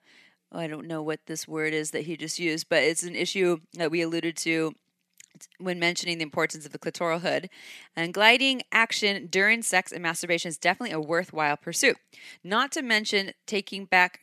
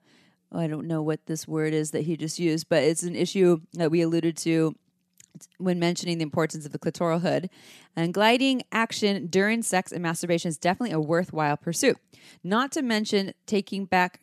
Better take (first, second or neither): second